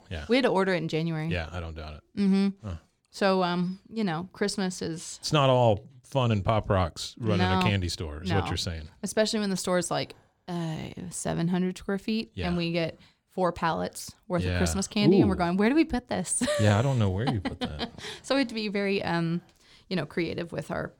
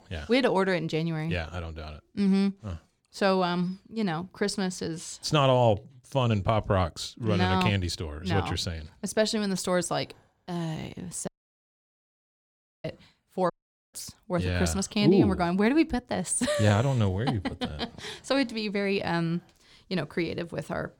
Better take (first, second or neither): first